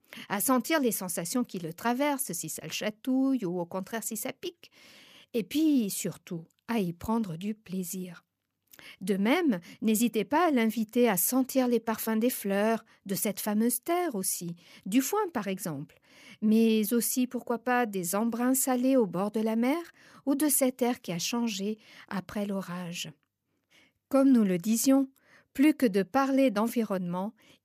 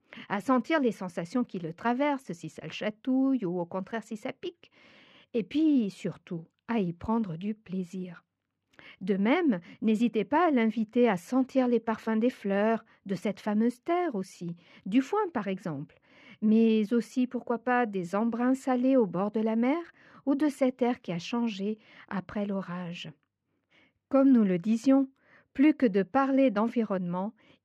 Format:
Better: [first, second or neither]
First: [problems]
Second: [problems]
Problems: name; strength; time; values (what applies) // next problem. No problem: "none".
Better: first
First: none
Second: muffled; very; fading above 2.5 kHz